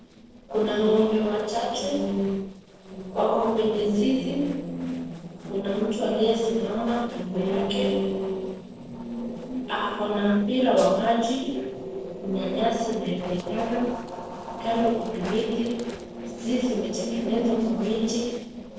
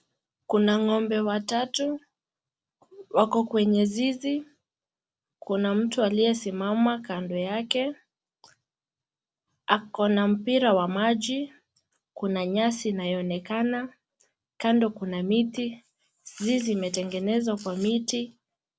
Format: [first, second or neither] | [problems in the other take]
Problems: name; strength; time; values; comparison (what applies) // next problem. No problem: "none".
second | noise reduction (neural separator model SepFormer DNS4)